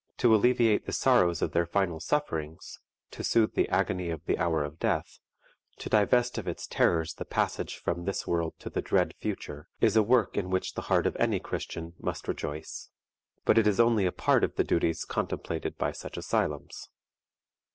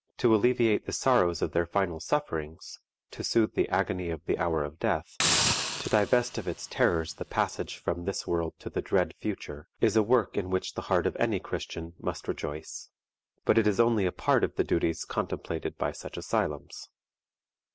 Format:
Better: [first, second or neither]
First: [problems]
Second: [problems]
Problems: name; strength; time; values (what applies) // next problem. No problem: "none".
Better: first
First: none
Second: background sound (Hiss); 3 dB below the speech